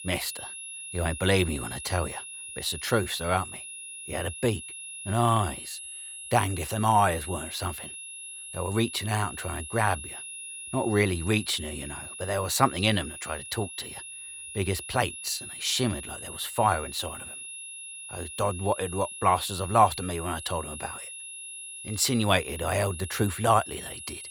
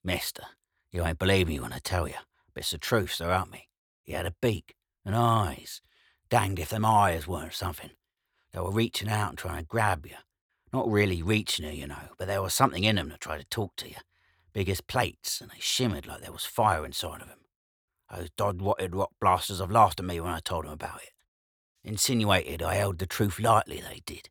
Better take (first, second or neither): second